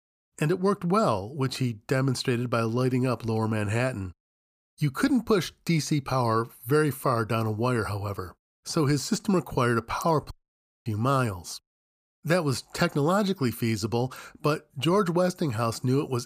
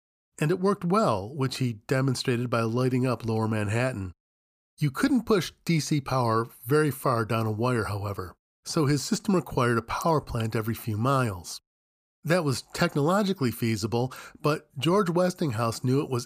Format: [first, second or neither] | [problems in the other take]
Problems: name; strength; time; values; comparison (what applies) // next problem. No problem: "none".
second | audio cutting out; at 10 s for 0.5 s